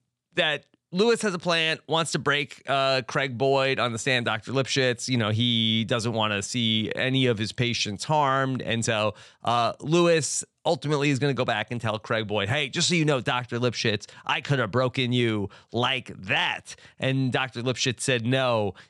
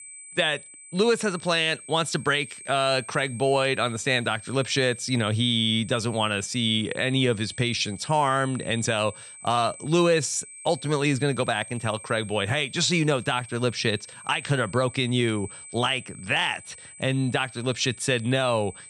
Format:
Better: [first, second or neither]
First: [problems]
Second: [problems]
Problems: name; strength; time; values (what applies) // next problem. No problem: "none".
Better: first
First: none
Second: high-pitched whine; noticeable; throughout; 8.5 kHz, 15 dB below the speech